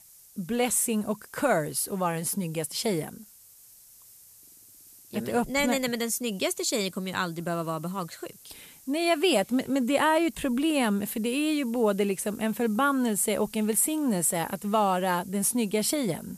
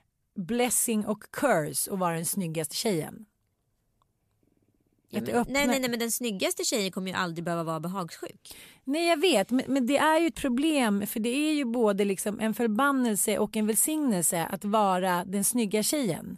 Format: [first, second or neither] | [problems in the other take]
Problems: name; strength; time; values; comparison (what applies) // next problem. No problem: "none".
second | hiss; faint; throughout; 25 dB below the speech